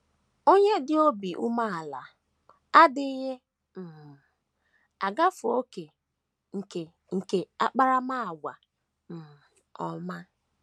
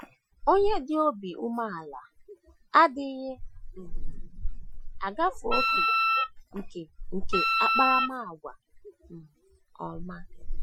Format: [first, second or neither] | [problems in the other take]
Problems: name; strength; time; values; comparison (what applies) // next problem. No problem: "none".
first | noise reduction (classical method Wiener filter)